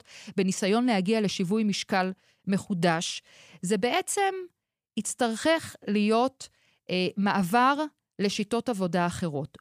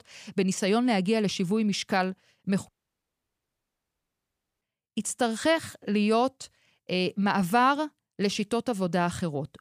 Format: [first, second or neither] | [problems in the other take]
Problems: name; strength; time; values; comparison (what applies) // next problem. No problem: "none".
first | audio cutting out; at 2.5 s for 2 s